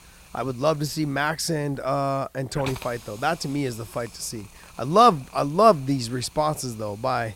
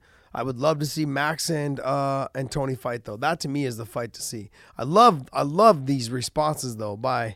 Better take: second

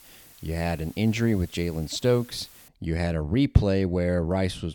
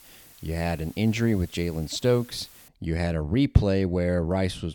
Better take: neither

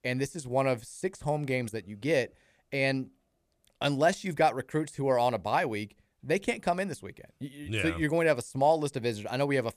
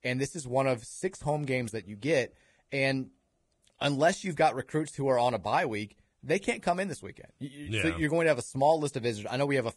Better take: first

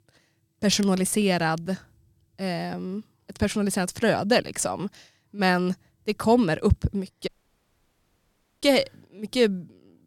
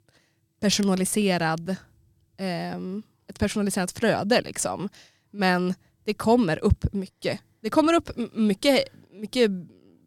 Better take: second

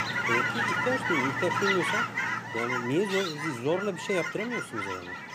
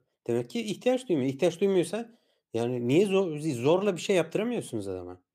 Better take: second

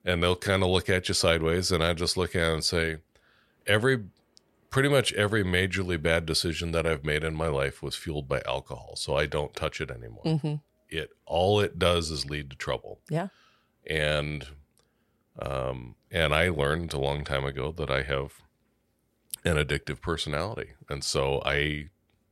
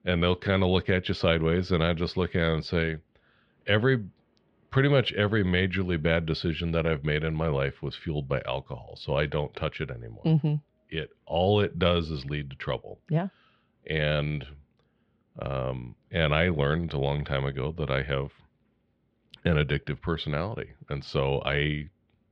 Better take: first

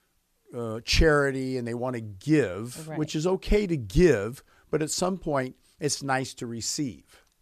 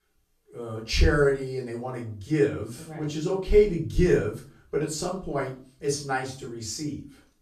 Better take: first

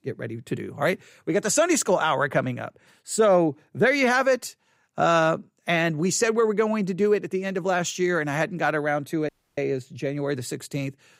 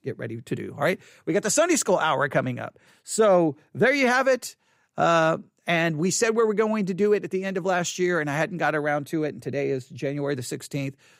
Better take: second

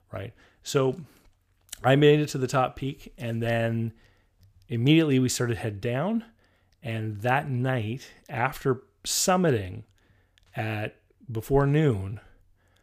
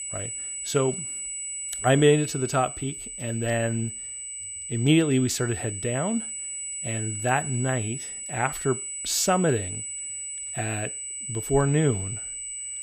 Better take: first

